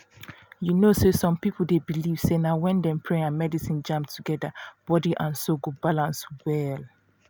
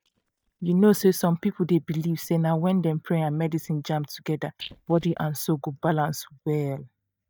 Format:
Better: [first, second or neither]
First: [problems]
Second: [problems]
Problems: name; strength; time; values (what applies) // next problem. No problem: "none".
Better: first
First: none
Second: noise reduction (neural mask model DeepFilterNet 3)